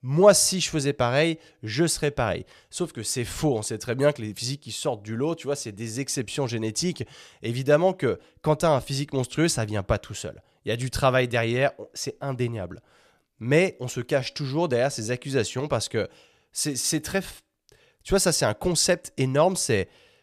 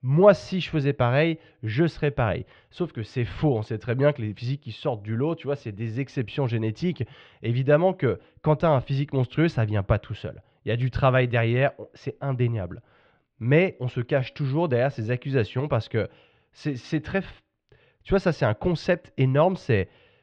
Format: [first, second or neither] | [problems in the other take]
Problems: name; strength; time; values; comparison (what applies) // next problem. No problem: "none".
first | muffled; very; fading above 3 kHz